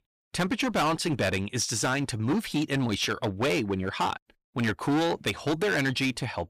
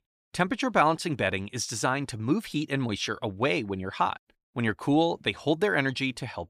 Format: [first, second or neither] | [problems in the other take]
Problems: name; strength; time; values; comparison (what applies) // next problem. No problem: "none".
second | distortion; heavy; 14% of the sound clipped